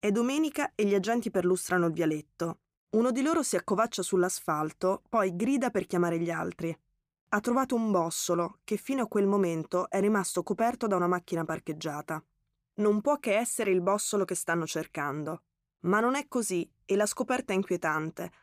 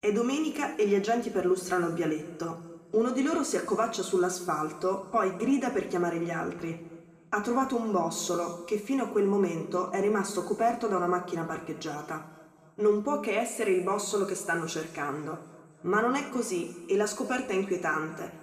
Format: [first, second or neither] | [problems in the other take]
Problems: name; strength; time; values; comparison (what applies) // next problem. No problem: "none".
first | room echo; slight; dies away in 1.8 s // off-mic speech; somewhat distant